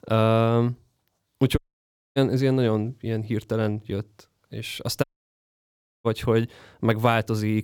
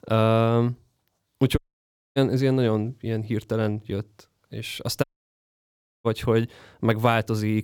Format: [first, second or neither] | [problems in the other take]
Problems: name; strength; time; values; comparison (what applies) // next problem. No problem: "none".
neither | audio cutting out; at 1.5 s for 0.5 s and at 5 s for 1 s; the same in both